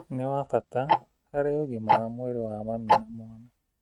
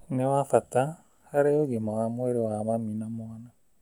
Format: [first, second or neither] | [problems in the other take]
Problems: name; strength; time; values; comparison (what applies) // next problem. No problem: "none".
second | noise reduction (neural mask model RNNoise)